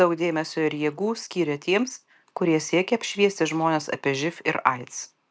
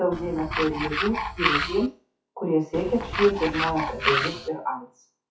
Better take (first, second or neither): first